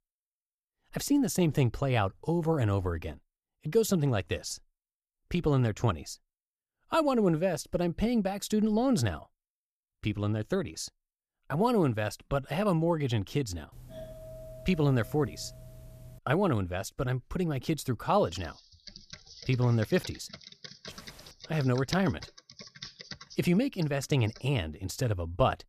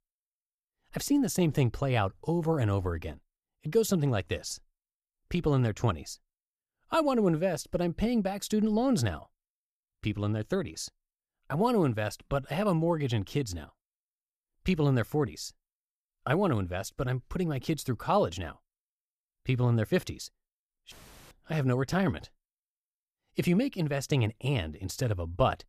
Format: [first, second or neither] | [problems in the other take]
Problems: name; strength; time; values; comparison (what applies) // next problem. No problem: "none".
second | doorbell; faint; from 14 to 16 s; peak 15 dB below the speech // keyboard typing; faint; from 18 to 24 s; peak 10 dB below the speech